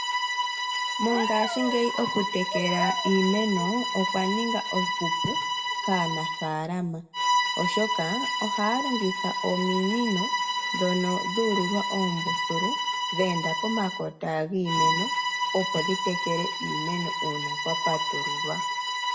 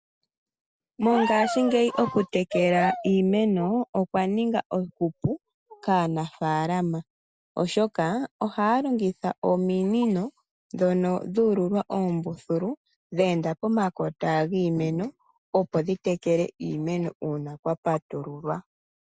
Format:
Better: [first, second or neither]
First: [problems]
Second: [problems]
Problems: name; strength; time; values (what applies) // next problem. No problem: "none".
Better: second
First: background sound (Bowed string instrument); as loud as the speech // room echo; dies away in 0.5 s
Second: none